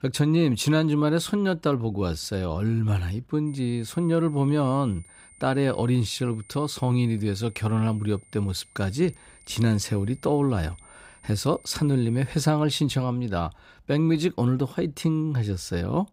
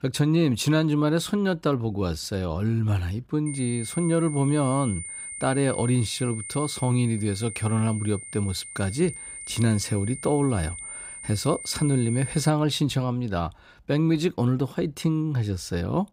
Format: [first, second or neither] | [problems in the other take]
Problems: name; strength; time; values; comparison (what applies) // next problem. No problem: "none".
first | high-pitched whine; loud; from 3.5 to 13 s; 9 kHz, 10 dB below the speech; faint in the first